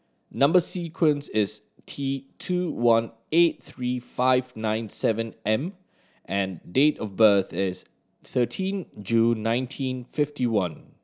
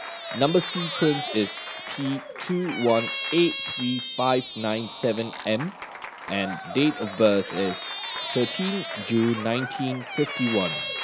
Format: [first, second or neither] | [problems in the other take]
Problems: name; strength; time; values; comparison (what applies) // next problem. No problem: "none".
first | background sound (Squeak + Applause / Crowd); 7 dB below the speech